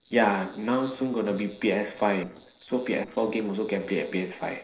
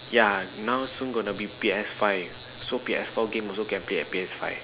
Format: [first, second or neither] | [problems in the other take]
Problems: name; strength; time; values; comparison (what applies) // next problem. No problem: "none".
second | noise reduction (neural separator model SepFormer DNS4)